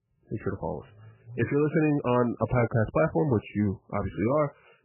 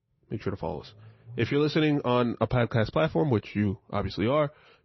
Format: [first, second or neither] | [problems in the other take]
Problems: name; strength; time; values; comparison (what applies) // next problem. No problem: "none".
second | garbled, watery; badly; nothing above 2.5 kHz; slightly in the second